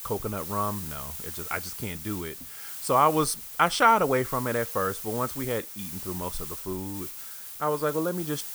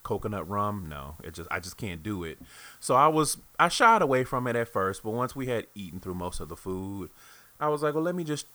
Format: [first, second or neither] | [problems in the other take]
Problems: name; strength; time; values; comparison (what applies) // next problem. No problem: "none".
second | hiss; loud; throughout; 8 dB below the speech; faint in the second